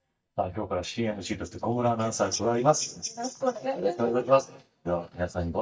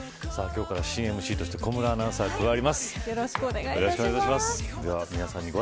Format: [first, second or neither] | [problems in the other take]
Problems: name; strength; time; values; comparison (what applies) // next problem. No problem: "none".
second | noise reduction (neural mask model DeepFilterNet 3)